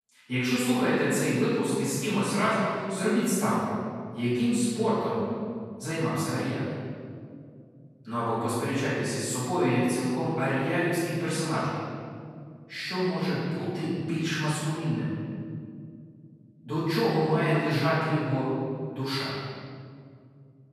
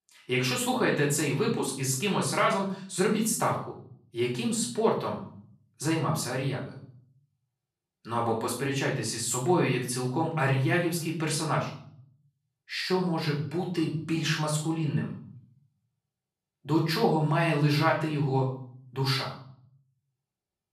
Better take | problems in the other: second | room echo; strong; dies away in 2.2 s; slight in the second // off-mic speech; far; far in the second

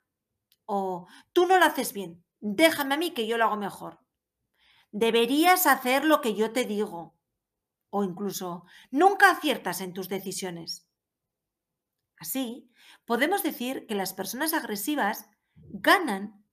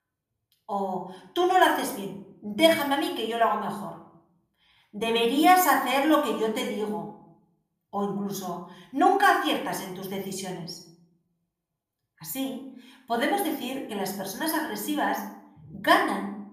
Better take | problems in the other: first | off-mic speech; somewhat distant // room echo; slight; dies away in 0.6 s

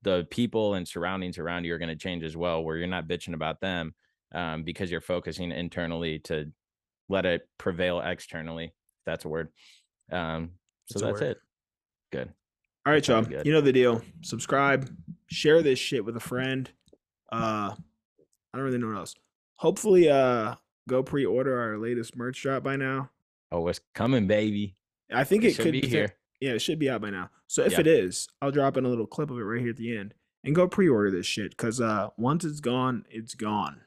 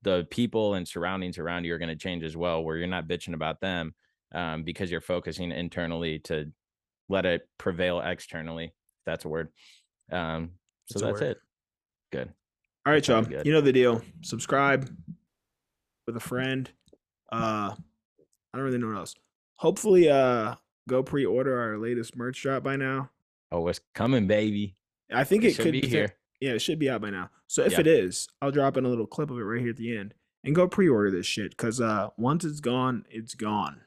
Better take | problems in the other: first | audio cutting out; at 15 s for 1 s

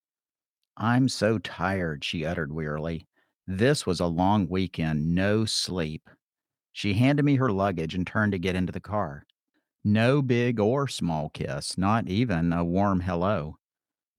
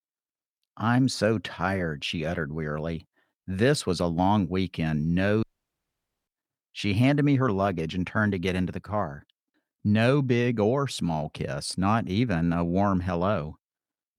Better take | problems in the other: first | audio cutting out; at 5.5 s for 1 s

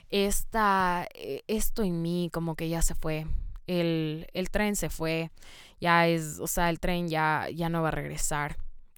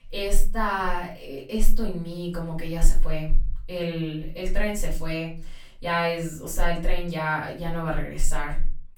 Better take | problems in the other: first | off-mic speech; far // room echo; slight; dies away in 0.3 s

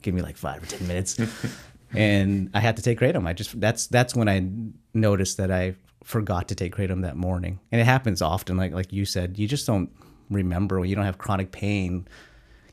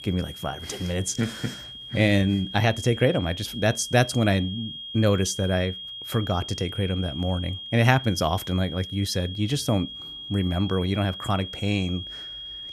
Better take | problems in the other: first | high-pitched whine; loud; throughout; 3.5 kHz, 10 dB below the speech

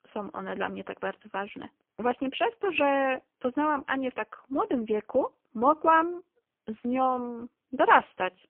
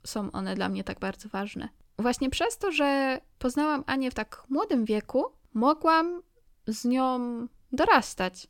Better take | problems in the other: second | phone-call audio; poor line

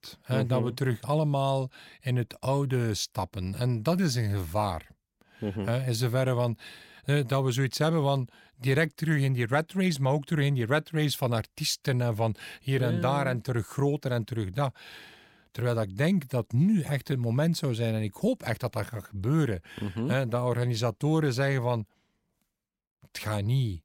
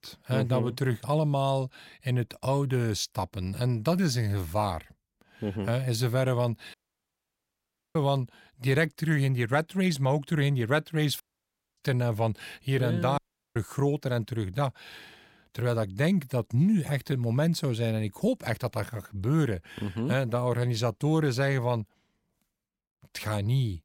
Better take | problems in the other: first | audio cutting out; at 6.5 s for 1 s, at 11 s for 0.5 s and at 13 s

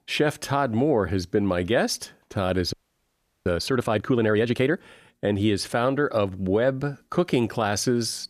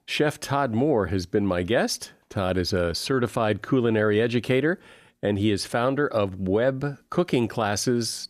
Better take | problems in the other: second | audio freezing; at 2.5 s for 0.5 s

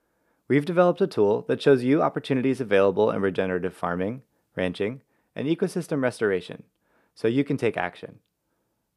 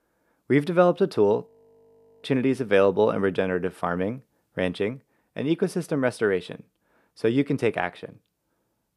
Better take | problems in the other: first | audio freezing; at 1.5 s for 1 s

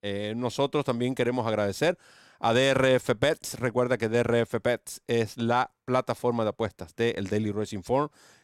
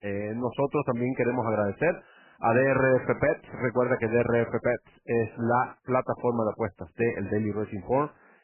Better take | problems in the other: first | garbled, watery; badly; nothing above 2.5 kHz

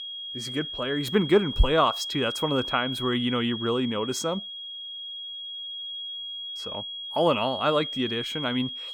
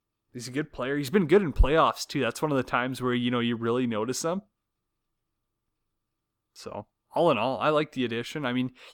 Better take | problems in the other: second | high-pitched whine; loud; throughout; 3.5 kHz, 6 dB below the speech

